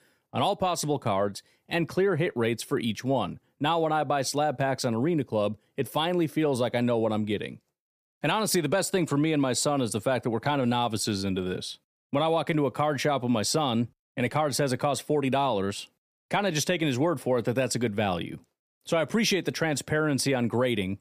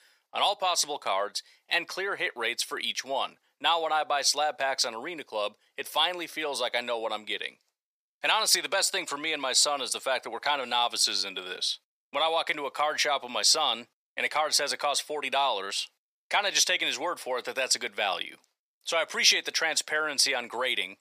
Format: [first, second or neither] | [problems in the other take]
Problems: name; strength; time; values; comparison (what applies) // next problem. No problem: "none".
first | thin; very; fading below 800 Hz